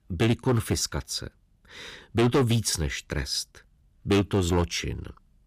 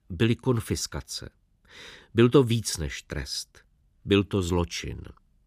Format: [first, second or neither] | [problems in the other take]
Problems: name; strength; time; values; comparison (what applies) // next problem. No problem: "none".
second | distortion; heavy; 6% of the sound clipped